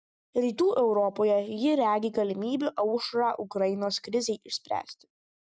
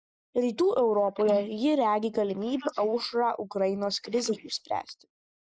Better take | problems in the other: first | noise reduction (neural mask model Resemble Enhance denoiser)

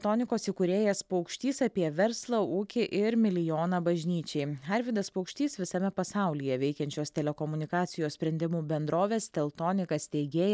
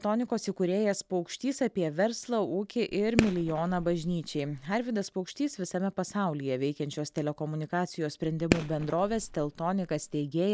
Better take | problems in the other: first | background sound (Fireworks); 6 dB below the speech

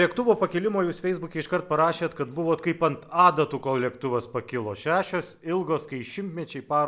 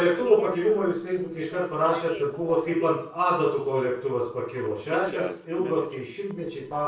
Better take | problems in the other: first | noise reduction (neural separator model SepFormer DNS4)

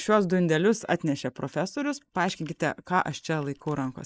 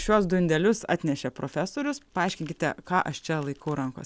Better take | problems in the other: second | noise reduction (neural mask model Resemble Enhance denoiser)

